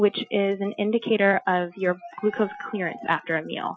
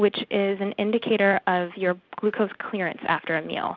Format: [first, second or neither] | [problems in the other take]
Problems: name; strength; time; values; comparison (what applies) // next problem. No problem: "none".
second | noise reduction (classical method Wiener filter)